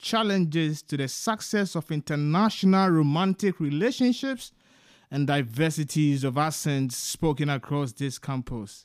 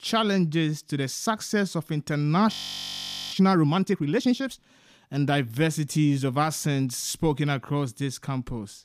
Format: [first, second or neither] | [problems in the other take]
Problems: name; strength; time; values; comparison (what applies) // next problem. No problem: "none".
first | audio freezing; at 2.5 s for 1 s